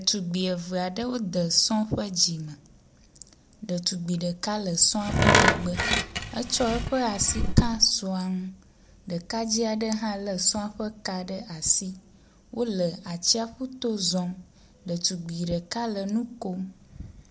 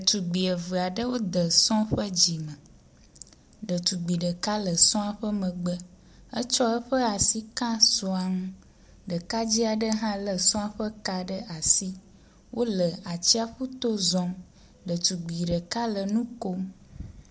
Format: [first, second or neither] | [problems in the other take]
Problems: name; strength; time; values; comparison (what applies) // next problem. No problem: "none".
second | background sound (Tools); 4 dB above the speech